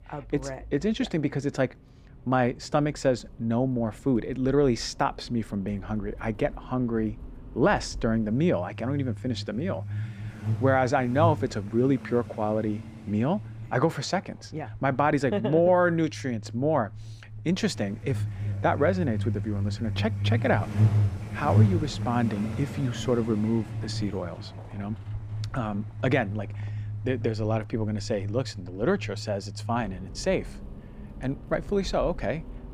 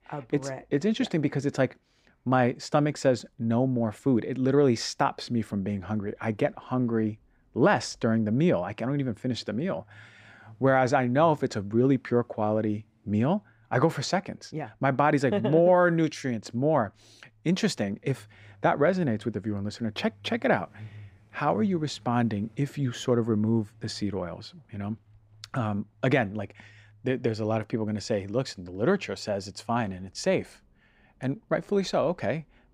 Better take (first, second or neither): second